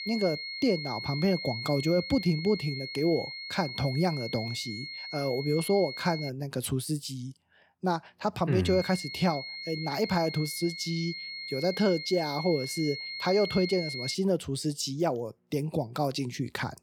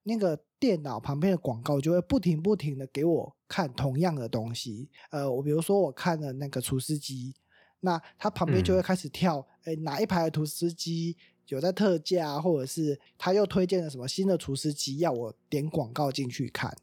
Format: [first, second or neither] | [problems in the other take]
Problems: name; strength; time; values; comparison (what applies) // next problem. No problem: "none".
second | high-pitched whine; loud; until 6.5 s and from 8.5 to 14 s; 2 kHz, 7 dB below the speech